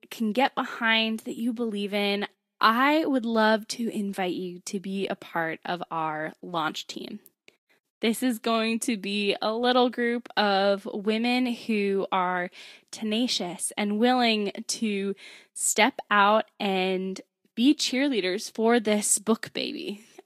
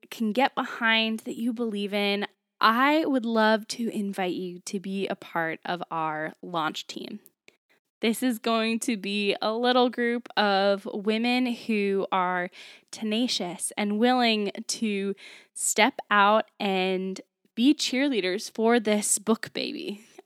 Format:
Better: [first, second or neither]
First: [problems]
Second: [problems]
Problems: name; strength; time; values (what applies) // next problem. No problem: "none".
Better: second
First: garbled, watery; slightly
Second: none